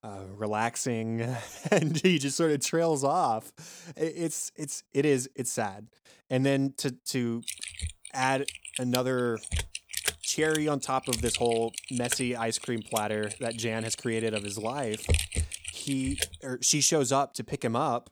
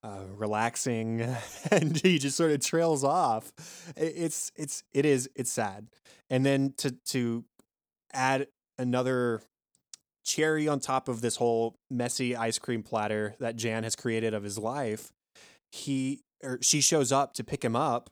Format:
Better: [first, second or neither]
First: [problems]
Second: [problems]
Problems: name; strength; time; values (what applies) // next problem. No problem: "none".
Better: second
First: keyboard typing; loud; from 7.5 to 16 s; peak 1 dB above the speech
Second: none